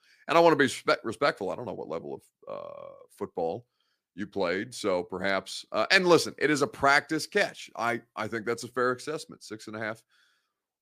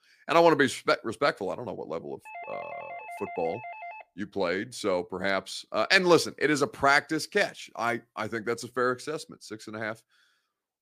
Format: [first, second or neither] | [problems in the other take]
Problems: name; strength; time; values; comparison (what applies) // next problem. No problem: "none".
first | doorbell; faint; from 2.5 to 4 s; peak 15 dB below the speech